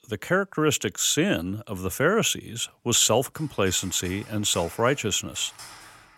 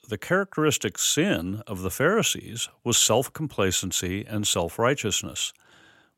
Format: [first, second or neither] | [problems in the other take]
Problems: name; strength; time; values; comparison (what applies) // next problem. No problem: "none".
second | household noises; faint; throughout; 20 dB below the speech